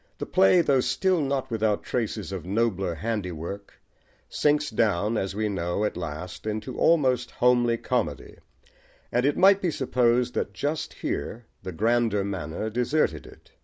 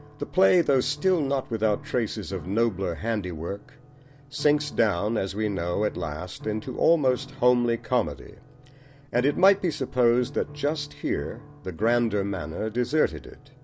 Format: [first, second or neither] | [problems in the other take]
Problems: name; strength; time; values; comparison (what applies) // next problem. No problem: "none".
first | background sound (Piano); 18 dB below the speech